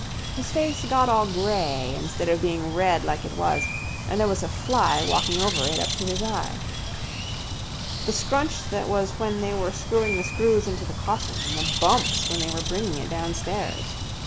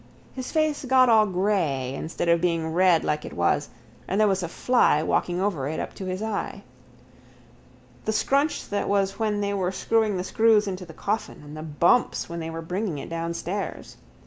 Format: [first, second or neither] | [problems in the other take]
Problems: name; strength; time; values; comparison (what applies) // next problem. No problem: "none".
second | background sound (Bird); 3 dB below the speech